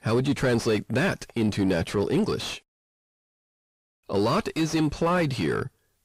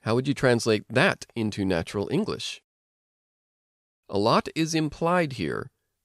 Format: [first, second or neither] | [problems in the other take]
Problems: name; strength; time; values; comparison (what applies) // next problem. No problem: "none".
second | distortion; heavy; 6 dB below the speech